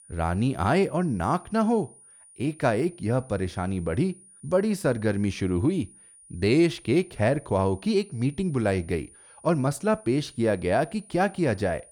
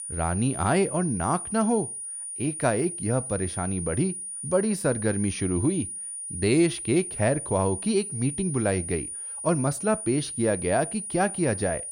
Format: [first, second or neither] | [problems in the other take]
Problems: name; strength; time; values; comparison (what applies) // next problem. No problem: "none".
first | high-pitched whine; loud; throughout; 9.5 kHz, 6 dB below the speech; faint in the first